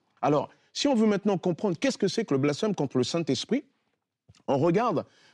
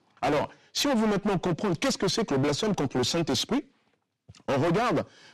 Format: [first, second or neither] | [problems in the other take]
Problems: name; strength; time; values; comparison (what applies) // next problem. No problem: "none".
first | distortion; heavy; 23% of the sound clipped